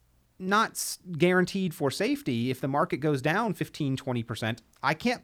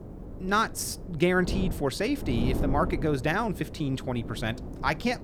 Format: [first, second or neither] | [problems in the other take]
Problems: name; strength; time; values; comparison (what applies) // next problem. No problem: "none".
first | wind noise on the microphone; occasional gusts; 15 dB below the speech